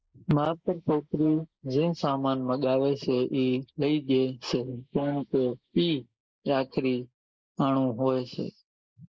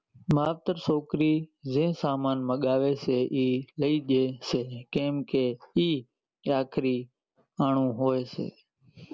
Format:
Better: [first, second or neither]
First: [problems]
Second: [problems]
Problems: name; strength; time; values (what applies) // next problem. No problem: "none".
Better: second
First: noise reduction (neural mask model Resemble Enhance denoiser)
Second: none